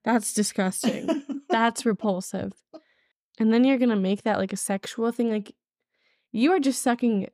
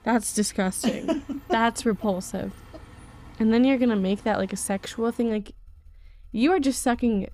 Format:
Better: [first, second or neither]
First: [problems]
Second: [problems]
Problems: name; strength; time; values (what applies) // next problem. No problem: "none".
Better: first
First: none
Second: traffic noise; faint; throughout; 25 dB below the speech